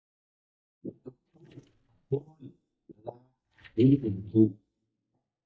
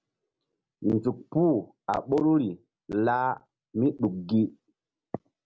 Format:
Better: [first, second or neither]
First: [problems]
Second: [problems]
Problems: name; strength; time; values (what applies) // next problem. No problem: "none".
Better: second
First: noise reduction (neural mask model DeepFilterNet 3)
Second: none